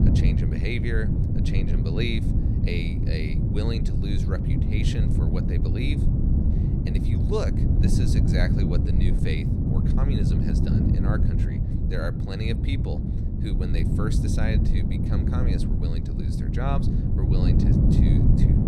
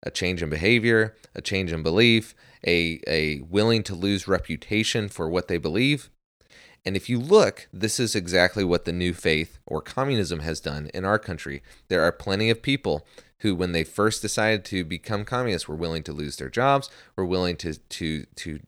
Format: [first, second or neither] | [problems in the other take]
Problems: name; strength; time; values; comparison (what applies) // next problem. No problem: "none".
second | wind noise on the microphone; heavy; 1 dB above the speech